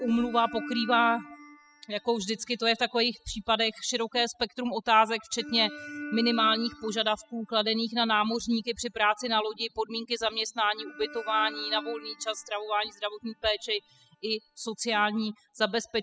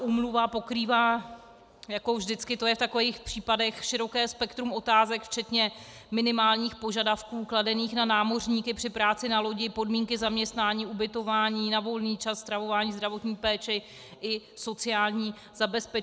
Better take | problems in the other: second | noise reduction (classical method spectral subtraction)

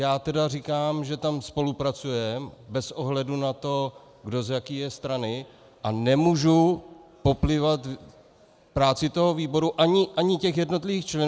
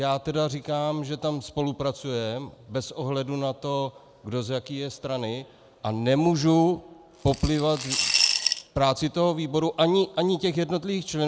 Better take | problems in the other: first | background sound (Coin (dropping) / Glass); 1 dB below the speech

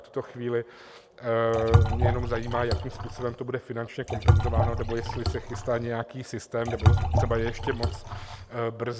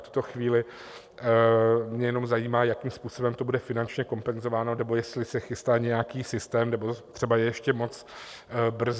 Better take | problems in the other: second | background sound (Liquid); 4 dB above the speech

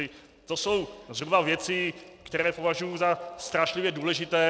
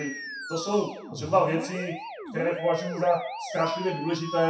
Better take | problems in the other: first | noise reduction (classical method WPE with log-MMSE)

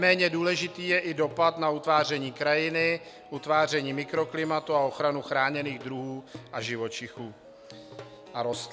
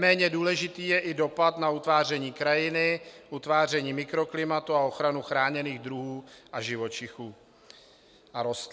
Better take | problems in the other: second | background sound (Plucked string instrument); 20 dB below the speech

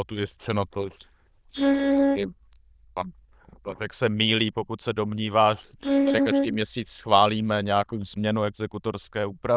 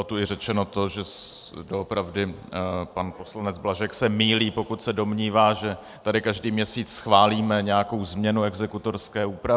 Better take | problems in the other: second | noise reduction (neural diffusion model UNIVERSE++)

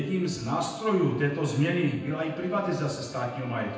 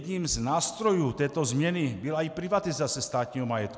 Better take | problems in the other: second | background sound (Bowed string instrument); 17 dB below the speech // room echo; dies away in 0.9 s

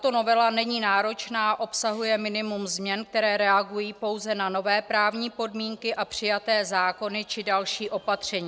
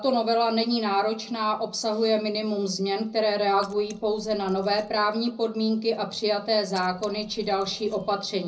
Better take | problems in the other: first | noise reduction (neural separator model SepFormer DNS4)

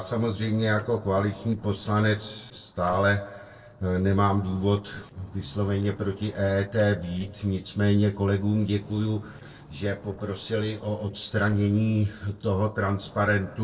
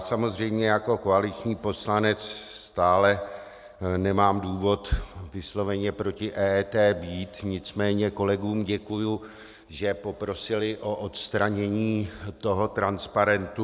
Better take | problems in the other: second | noise reduction (neural separator model SepFormer DNS4)

